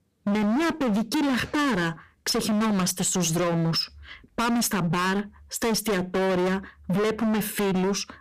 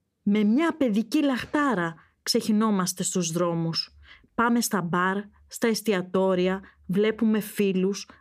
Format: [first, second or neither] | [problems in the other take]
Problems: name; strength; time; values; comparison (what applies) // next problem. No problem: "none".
second | distortion; heavy; 34% of the sound clipped